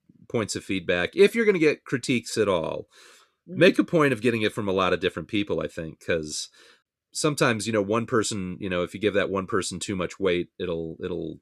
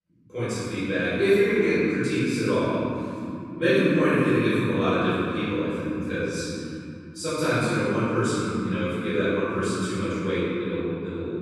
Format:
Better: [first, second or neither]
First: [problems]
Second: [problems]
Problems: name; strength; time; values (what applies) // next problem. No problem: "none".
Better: first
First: none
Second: room echo; strong; dies away in 3 s // off-mic speech; far